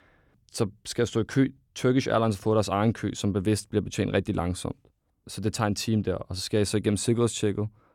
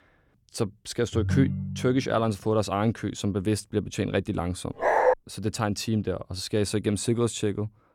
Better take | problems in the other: first | phone ringing; loud; at 1 s; peak 1 dB above the speech // dog barking; loud; at 5 s; peak 6 dB above the speech

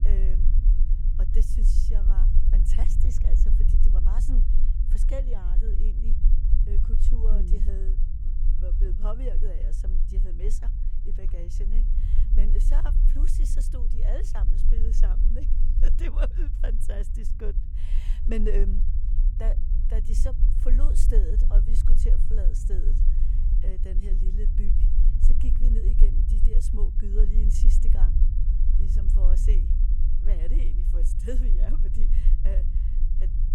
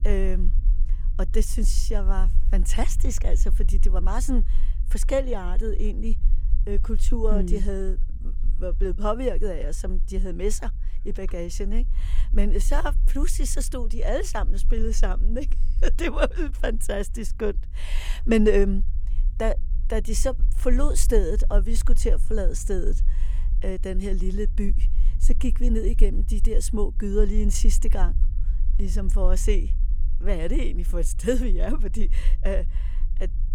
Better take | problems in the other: second | low rumble; loud; throughout; 5 dB below the speech; faint in the second

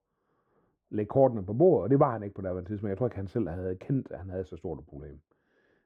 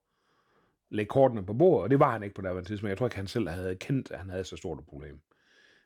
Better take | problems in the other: second | muffled; very; fading above 2 kHz

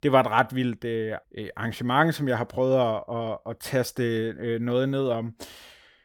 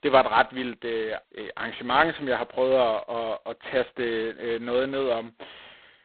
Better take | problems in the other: first | phone-call audio; poor line; nothing above 4 kHz

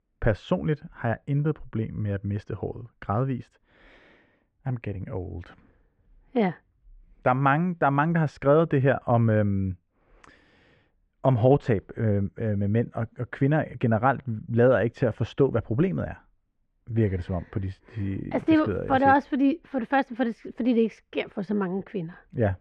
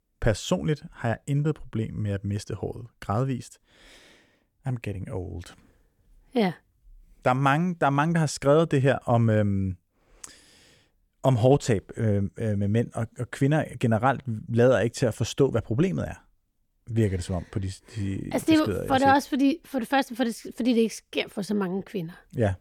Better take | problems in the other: second | muffled; very; fading above 2 kHz

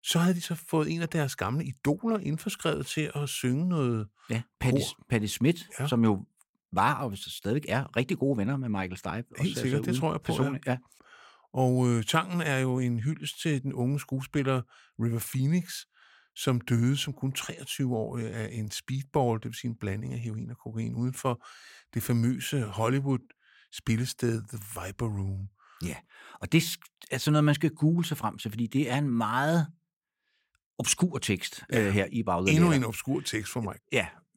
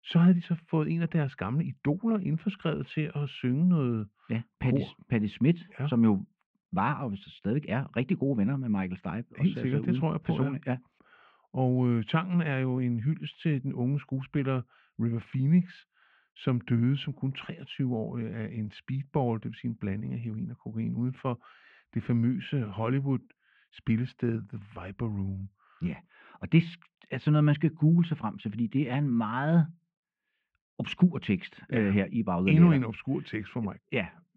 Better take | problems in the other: first | muffled; very; fading above 3 kHz

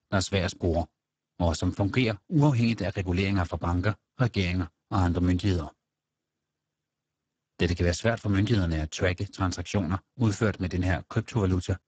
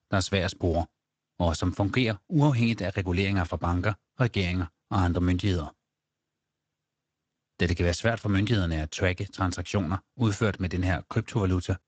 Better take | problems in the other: second | garbled, watery; badly; nothing above 7.5 kHz; slightly in the second

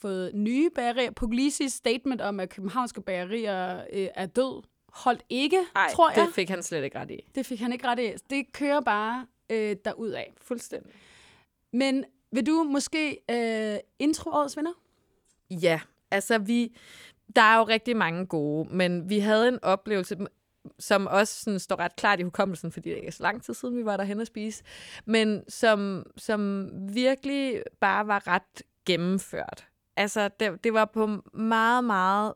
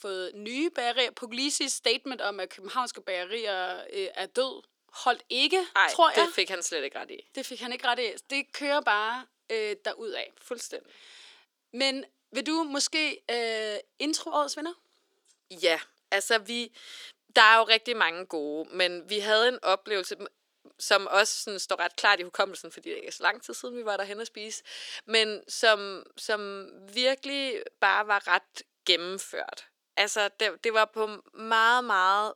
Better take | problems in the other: first | thin; somewhat; fading below 350 Hz

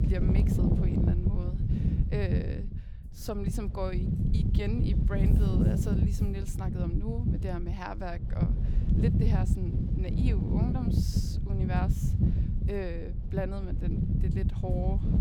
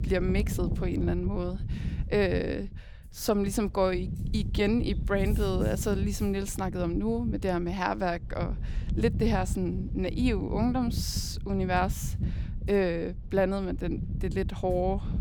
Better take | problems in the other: second | wind noise on the microphone; heavy; as loud as the speech; occasional gusts in the second

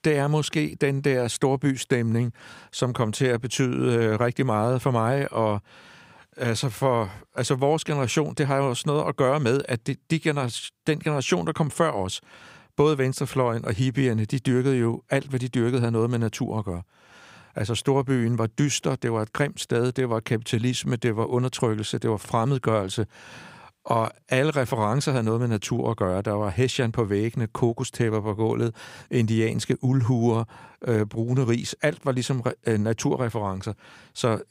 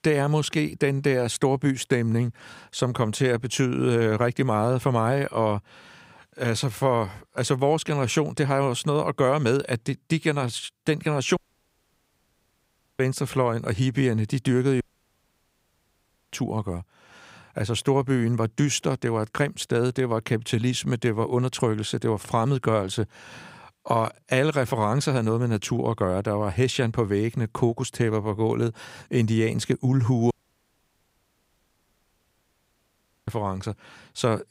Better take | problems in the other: first | audio cutting out; at 11 s for 1.5 s, at 15 s for 1.5 s and at 30 s for 3 s

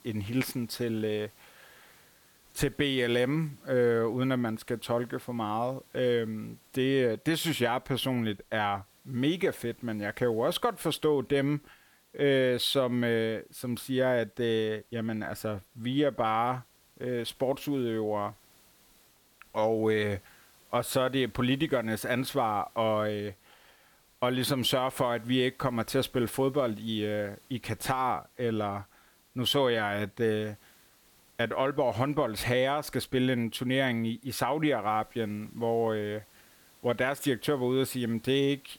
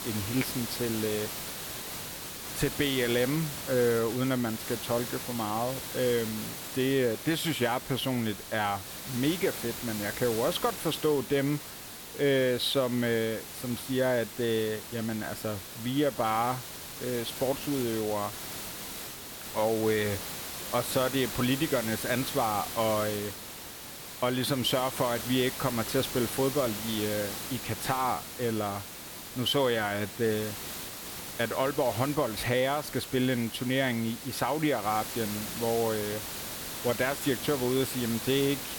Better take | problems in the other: first | hiss; loud; throughout; 7 dB below the speech; faint in the first

